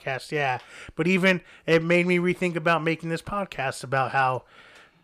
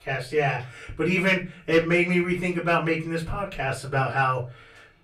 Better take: first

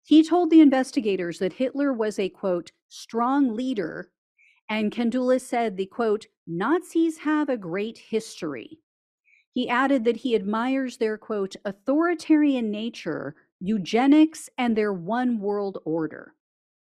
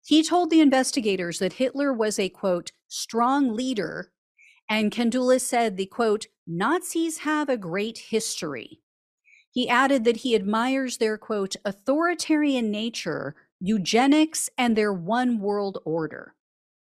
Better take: second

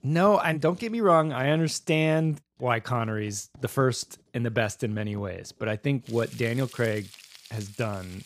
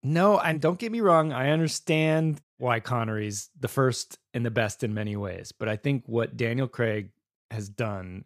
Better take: second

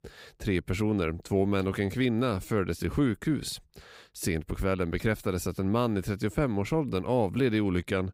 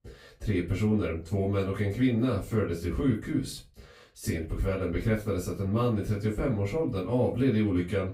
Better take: first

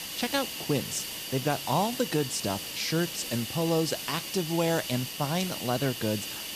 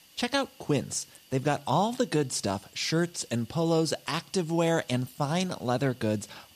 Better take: second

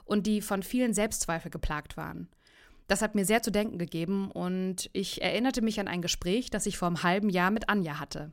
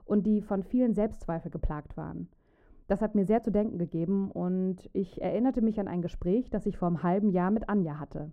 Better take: first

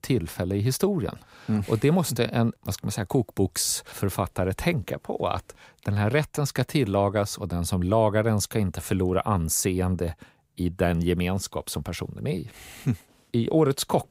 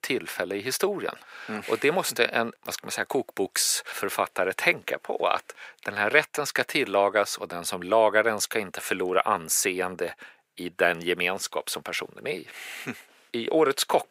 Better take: first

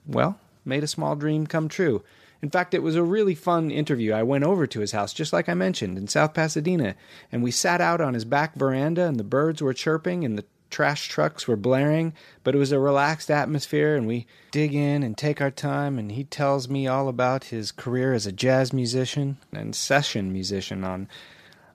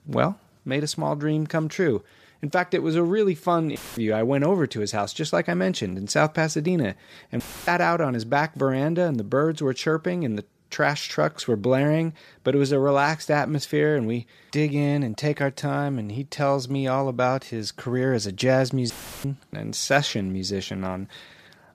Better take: first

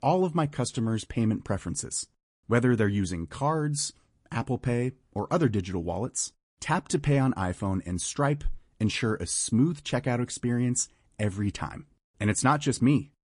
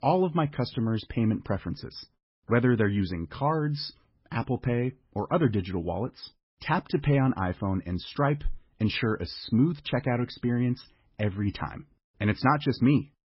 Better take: first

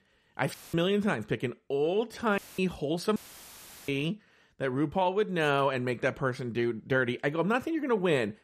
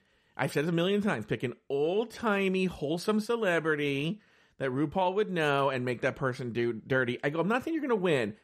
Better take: second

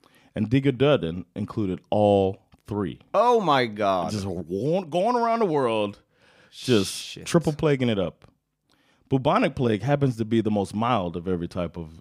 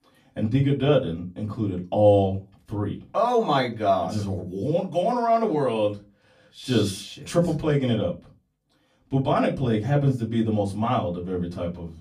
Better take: first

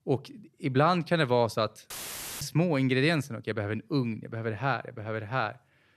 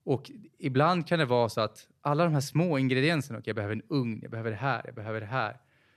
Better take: second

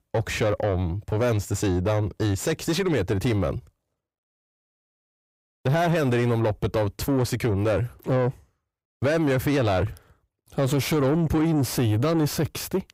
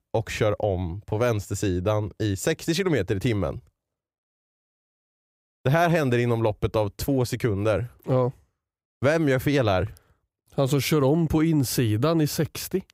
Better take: second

